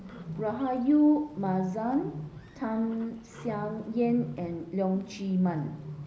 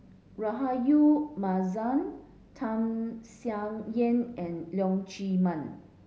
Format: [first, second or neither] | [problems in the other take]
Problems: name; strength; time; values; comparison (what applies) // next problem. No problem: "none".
second | background sound (Bird); 13 dB below the speech